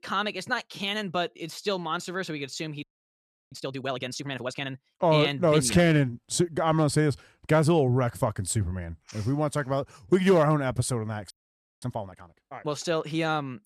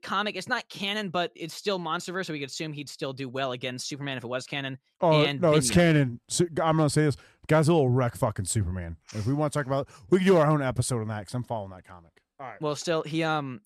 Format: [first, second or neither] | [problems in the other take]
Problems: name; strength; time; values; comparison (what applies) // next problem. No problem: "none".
second | audio freezing; at 3 s for 0.5 s and at 11 s for 0.5 s